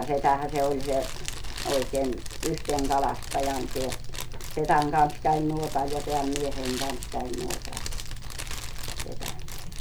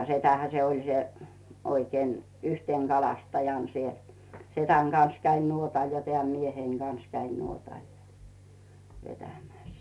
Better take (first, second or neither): second